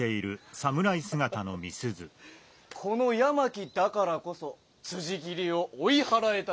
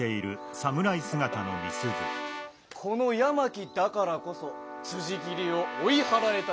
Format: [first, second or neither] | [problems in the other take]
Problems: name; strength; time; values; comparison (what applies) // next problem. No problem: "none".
first | background sound (Keyboard (musical) / Brass instrument); 8 dB below the speech